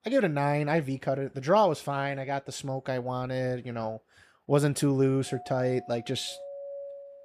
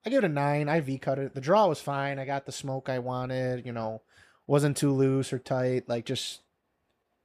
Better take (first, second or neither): second